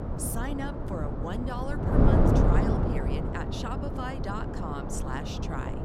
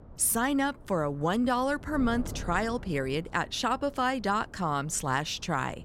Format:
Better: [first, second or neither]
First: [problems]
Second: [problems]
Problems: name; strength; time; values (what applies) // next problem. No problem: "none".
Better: second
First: wind noise on the microphone; heavy; 3 dB above the speech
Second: wind noise on the microphone; occasional gusts; 25 dB below the speech